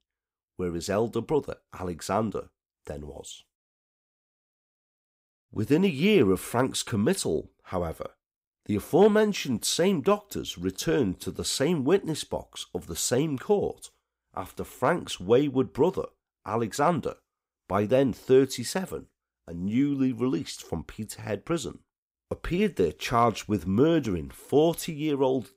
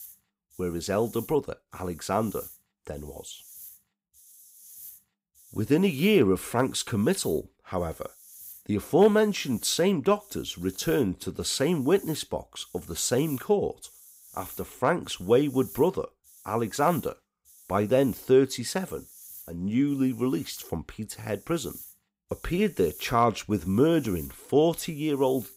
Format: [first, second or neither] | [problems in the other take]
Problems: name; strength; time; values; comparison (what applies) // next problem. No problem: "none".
first | hiss; noticeable; throughout; 20 dB below the speech